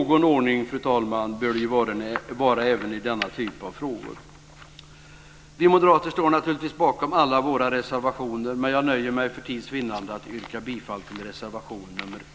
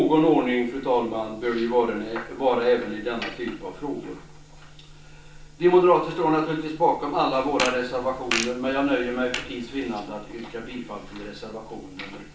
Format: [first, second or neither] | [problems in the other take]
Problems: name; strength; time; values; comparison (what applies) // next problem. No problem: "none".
first | background sound (Fart); 8 dB below the speech // room echo; dies away in 0.4 s